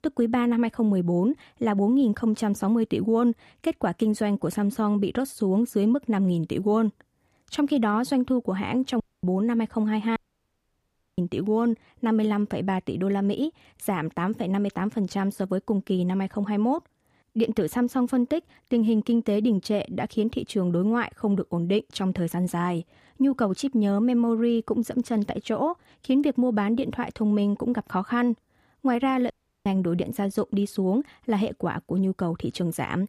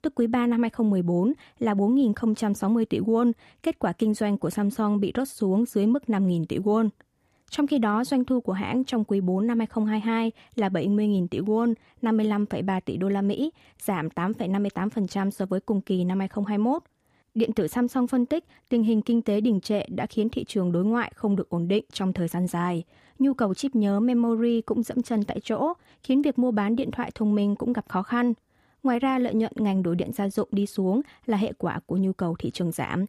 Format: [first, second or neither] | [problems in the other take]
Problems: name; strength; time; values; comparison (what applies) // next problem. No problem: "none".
second | audio cutting out; at 9 s, at 10 s for 1 s and at 29 s